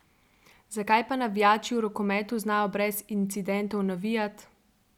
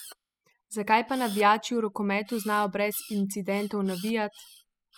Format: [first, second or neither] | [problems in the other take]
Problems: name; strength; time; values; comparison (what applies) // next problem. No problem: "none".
first | noise reduction (classical method spectral subtraction)